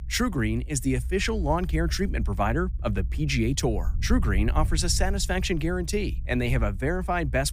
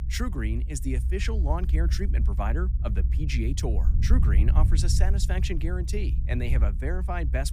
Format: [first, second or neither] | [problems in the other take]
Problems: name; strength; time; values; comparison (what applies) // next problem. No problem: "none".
first | low rumble; loud; throughout; 9 dB below the speech; faint in the first